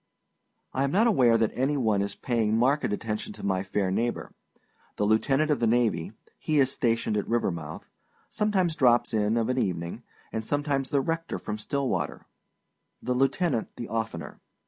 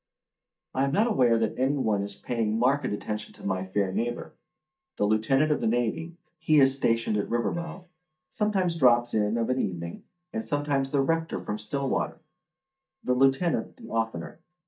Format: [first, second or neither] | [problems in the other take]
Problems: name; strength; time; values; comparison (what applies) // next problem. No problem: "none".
first | noise reduction (neural mask model DeepFilterNet 3)